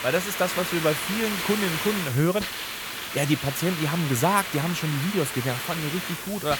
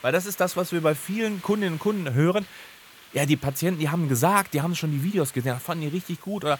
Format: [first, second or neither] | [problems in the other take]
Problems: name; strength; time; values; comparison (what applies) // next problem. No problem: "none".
second | hiss; loud; throughout; 3 dB below the speech; faint in the second